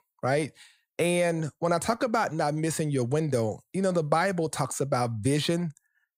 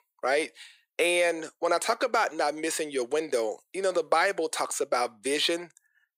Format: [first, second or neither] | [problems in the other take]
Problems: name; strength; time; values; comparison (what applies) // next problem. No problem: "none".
first | thin; very; fading below 350 Hz